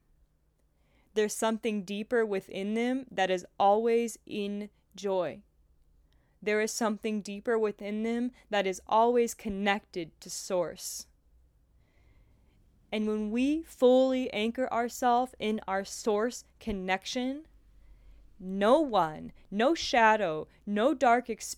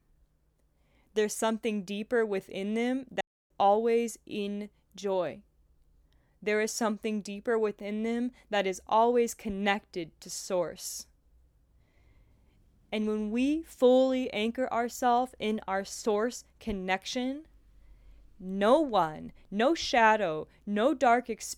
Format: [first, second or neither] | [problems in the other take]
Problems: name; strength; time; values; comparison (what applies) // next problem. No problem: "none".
first | audio cutting out; at 3 s